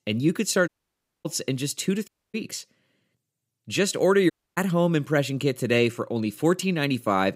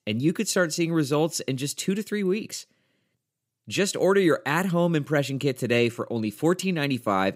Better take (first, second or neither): second